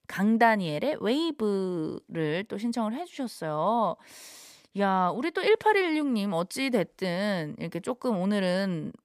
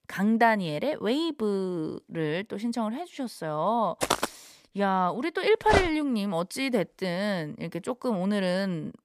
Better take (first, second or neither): first